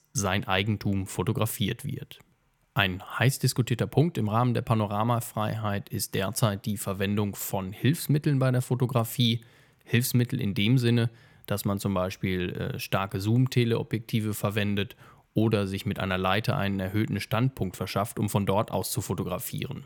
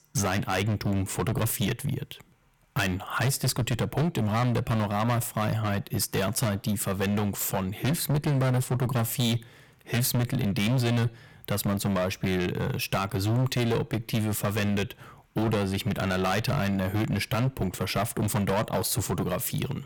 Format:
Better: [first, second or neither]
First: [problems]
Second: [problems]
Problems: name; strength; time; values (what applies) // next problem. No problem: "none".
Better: first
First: none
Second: distortion; heavy; 18% of the sound clipped